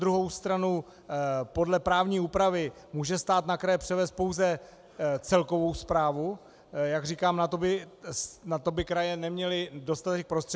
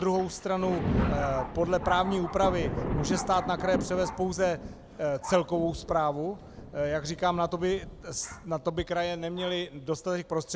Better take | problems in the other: first | background sound (Thunder); 6 dB below the speech

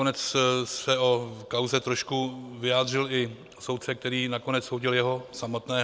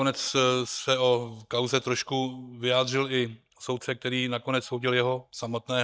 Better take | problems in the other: first | noise reduction (neural mask model DeepFilterNet 3)

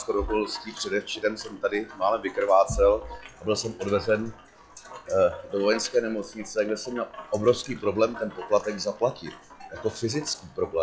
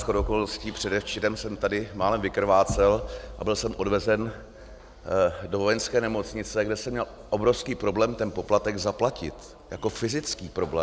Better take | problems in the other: second | noise reduction (classical method log-MMSE)

